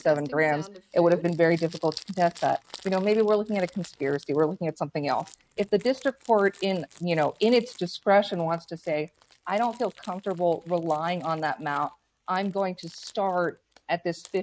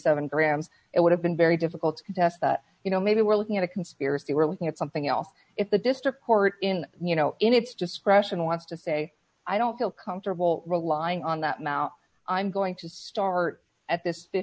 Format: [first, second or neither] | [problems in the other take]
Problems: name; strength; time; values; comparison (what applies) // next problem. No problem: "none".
second | noise reduction (neural mask model RNNoise)